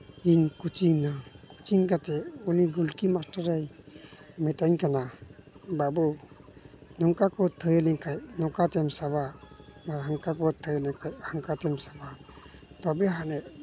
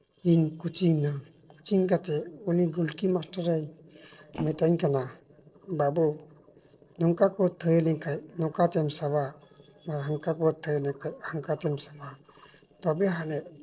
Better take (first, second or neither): first